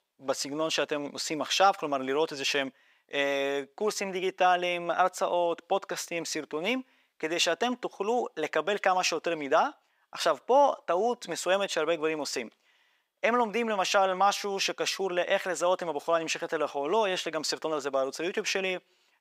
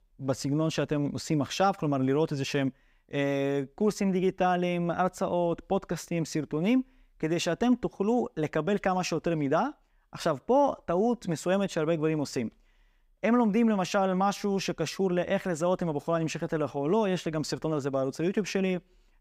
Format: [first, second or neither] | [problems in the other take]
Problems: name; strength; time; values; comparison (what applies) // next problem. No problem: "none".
second | thin; somewhat; fading below 550 Hz